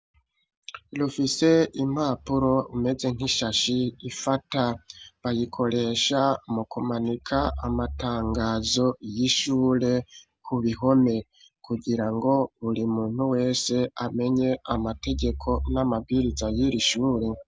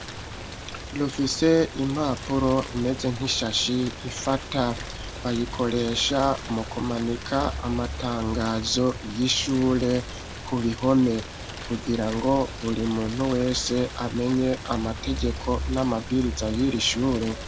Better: first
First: none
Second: background sound (Rain); 11 dB below the speech

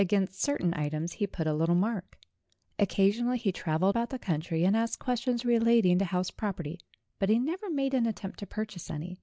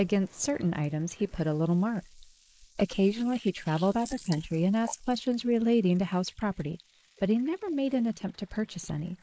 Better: first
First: none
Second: noise reduction (neural mask model Resemble Enhance denoiser)

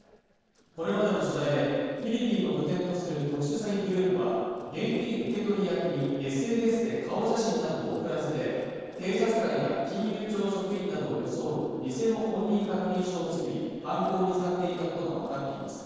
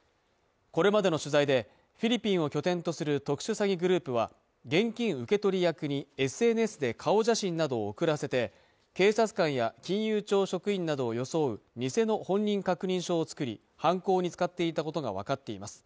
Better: second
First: noise reduction (neural separator model SepFormer DNS4)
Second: none

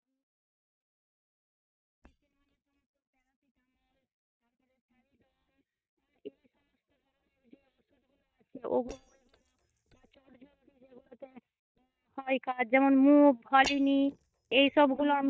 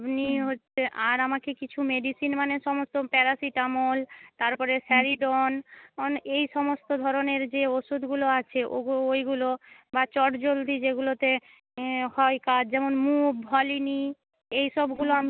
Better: second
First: noise reduction (neural mask model DeepFilterNet 3)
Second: none

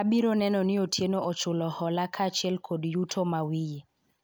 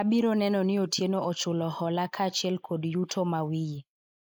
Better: first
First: none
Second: noise reduction (neural mask model Resemble Enhance denoiser)

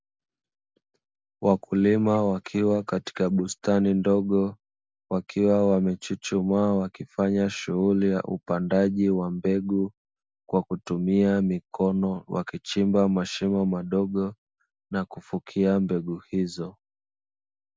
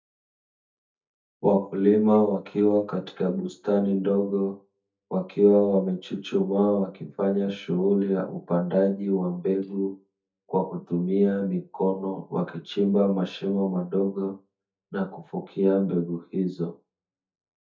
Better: first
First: none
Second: noise reduction (neural mask model DeepFilterNet 3)

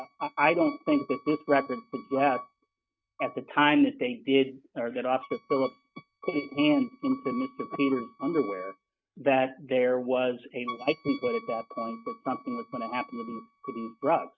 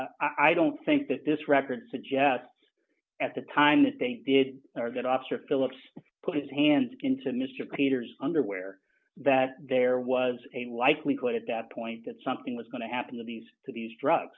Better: second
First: noise reduction (neural mask model RNNoise)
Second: none

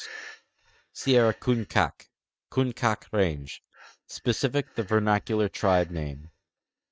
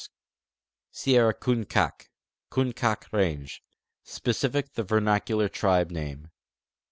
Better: second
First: noise reduction (neural mask model RNNoise)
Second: none

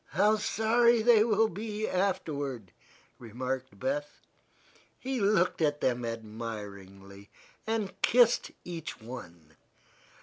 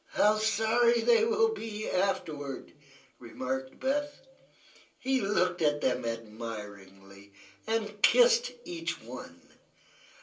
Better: first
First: none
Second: room echo; dies away in 0.3 s

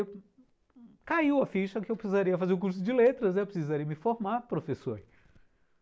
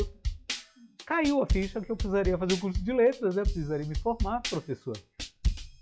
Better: first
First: none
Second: noise reduction (classical method log-MMSE)

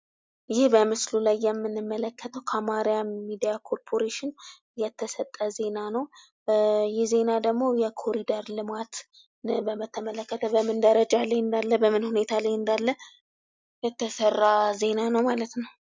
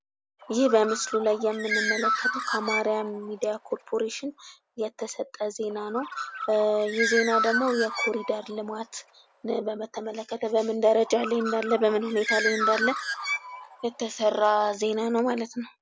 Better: first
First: none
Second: background sound (Bird); 6 dB below the speech

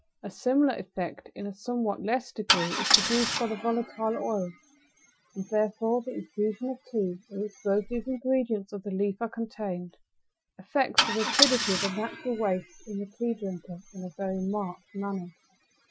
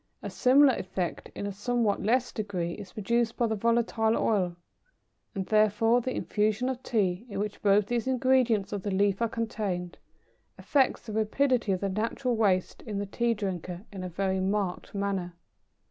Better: second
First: noise reduction (classical method Wiener filter)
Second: none

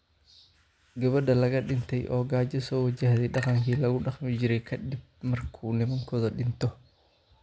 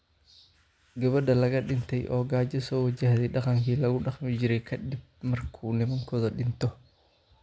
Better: second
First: background sound (Chink, clink); 16 dB below the speech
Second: none

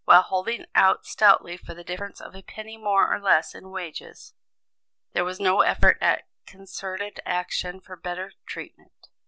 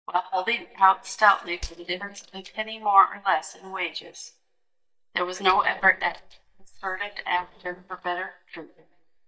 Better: first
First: none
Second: noise reduction (neural mask model DeepFilterNet 3)

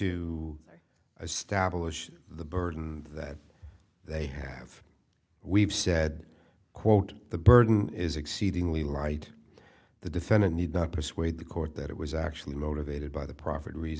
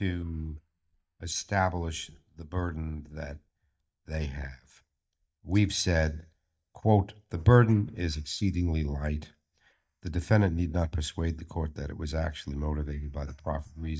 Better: first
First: none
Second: noise reduction (neural mask model DeepFilterNet 3)

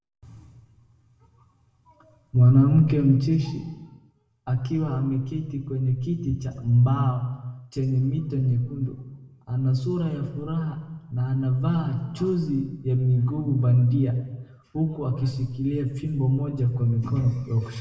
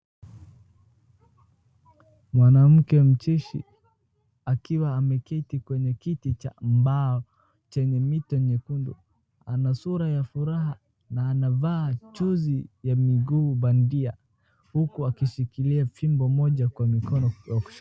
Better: second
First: room echo; dies away in 1 s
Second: none

